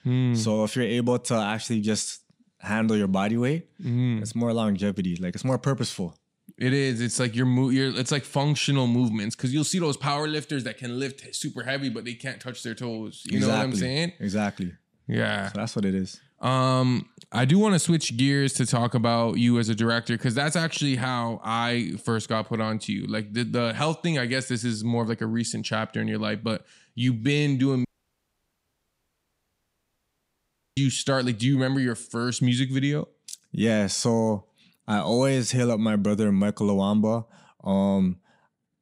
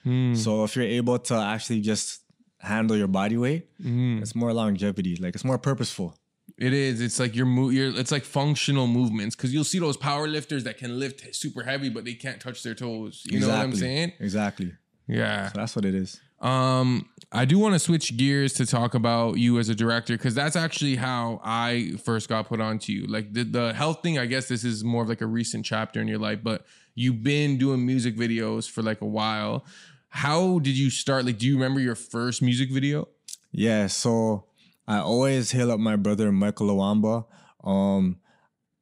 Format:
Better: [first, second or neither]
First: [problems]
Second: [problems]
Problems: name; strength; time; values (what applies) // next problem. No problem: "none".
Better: second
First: audio cutting out; at 28 s for 3 s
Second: none